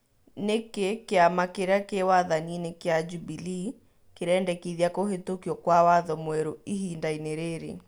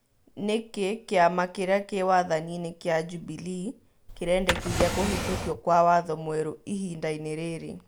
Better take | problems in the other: first | background sound (Drawer open or close); 3 dB below the speech

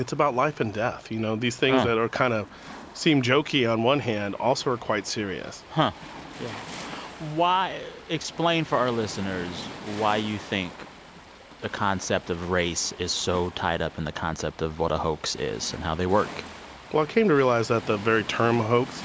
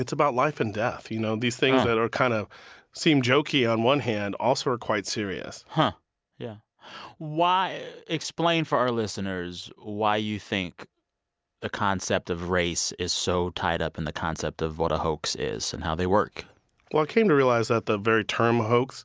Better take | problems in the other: second | background sound (Waves, surf); 16 dB below the speech

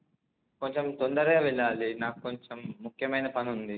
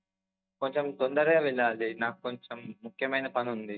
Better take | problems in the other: first | noise reduction (neural mask model DeepFilterNet 3)

